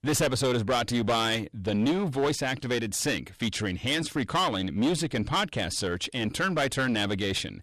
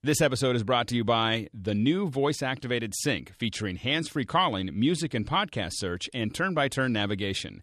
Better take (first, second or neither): second